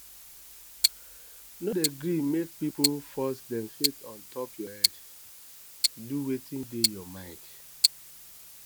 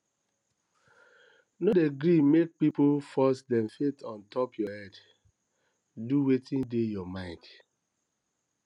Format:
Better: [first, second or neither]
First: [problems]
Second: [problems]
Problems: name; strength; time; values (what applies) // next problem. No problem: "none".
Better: second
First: background sound (Tick-tock); 2 dB above the speech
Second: none